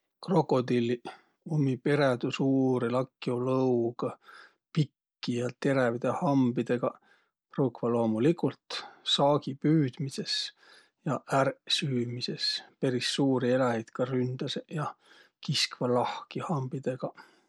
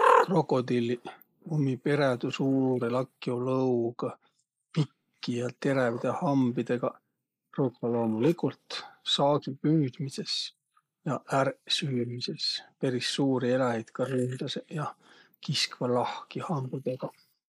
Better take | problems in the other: first | noise reduction (neural mask model Resemble Enhance denoiser)

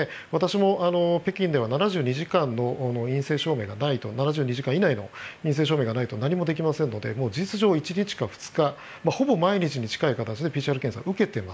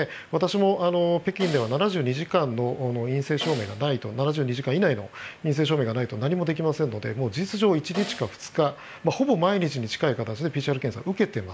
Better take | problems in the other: first | background sound (Snare drum); 16 dB below the speech

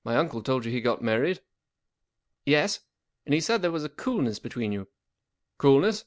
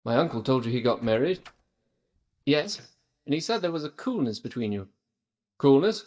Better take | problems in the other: first | noise reduction (neural mask model DeepFilterNet 3)

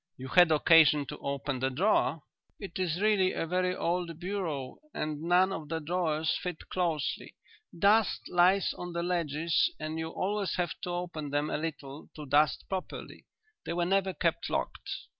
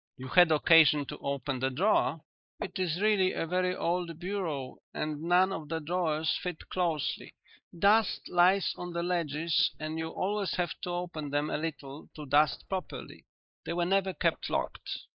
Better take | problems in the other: first | noise reduction (neural mask model Resemble Enhance denoiser)

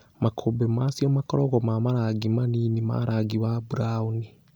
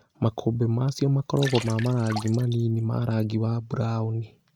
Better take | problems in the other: first | noise reduction (neural mask model RNNoise)

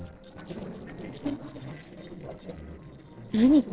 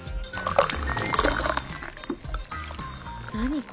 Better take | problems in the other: second | noise reduction (neural separator model SepFormer DNS4)

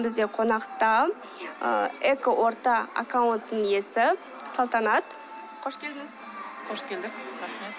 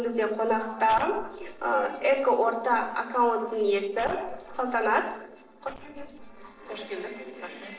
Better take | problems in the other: first | noise reduction (neural separator model SepFormer DNS4)

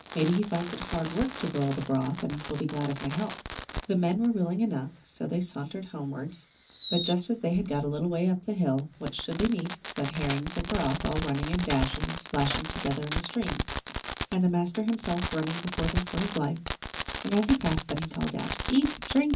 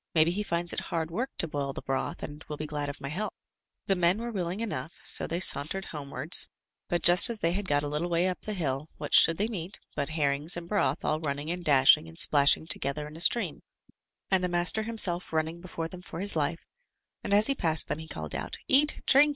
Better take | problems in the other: second | background sound (Fireworks); 7 dB below the speech // room echo; dies away in 0.3 s

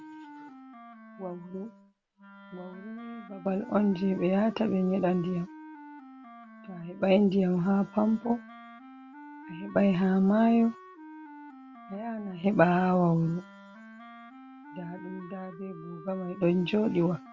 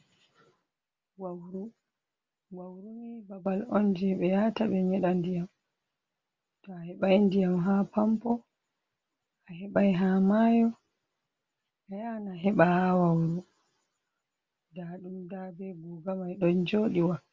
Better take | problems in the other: second | background sound (Wind instrument, woodwind instrument); 19 dB below the speech

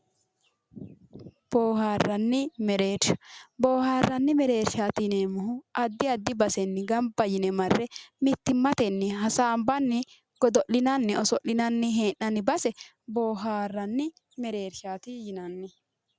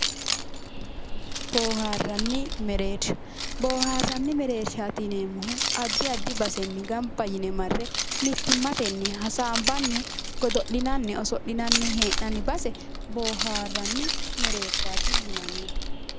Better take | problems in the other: first | background sound (Train + Keys jangling); 1 dB above the speech

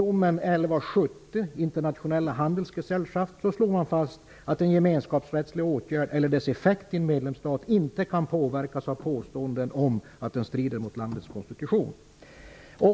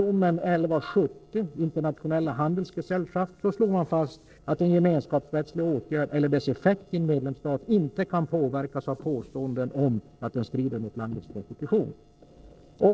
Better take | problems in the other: first | noise reduction (neural separator model SepFormer DNS4)

